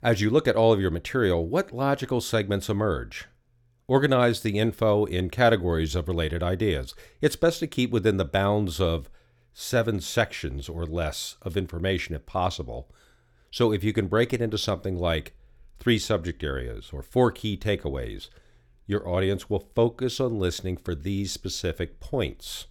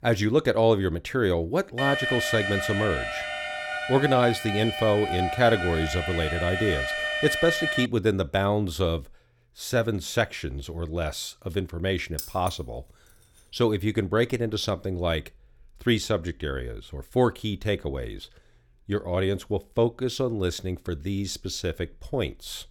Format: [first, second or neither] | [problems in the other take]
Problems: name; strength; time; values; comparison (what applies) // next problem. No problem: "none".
first | alarm; loud; from 2 to 8 s; peak 1 dB above the speech // jangling keys; noticeable; at 12 s; peak 9 dB below the speech